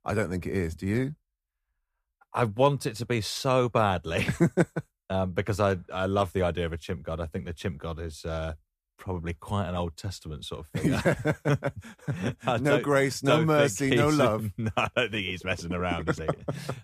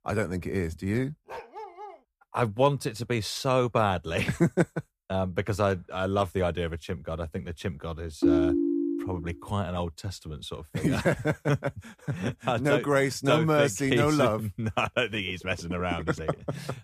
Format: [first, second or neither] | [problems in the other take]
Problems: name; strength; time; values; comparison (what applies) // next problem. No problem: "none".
first | dog barking; faint; at 1.5 s; peak 10 dB below the speech // phone ringing; loud; at 8 s; peak 5 dB above the speech